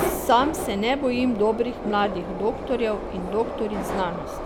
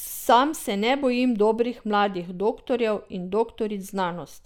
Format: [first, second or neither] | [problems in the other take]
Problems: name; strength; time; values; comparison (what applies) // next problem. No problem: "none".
second | background sound (Subway, metro, underground); 6 dB below the speech